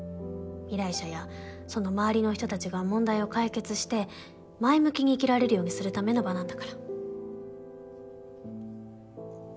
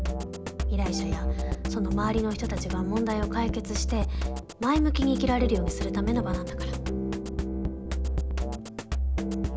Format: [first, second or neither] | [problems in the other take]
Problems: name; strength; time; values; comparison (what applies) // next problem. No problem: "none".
first | background sound (Drum kit); 2 dB above the speech